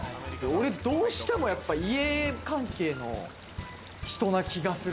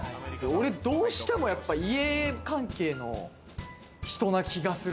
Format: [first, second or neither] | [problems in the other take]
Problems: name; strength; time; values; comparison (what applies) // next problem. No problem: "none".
second | background sound (Stream); 18 dB below the speech